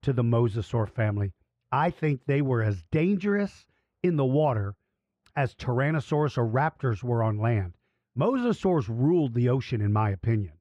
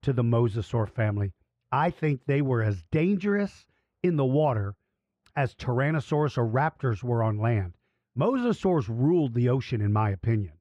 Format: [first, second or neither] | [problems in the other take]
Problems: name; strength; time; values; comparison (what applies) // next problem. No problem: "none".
neither | muffled; very; fading above 3 kHz; the same in both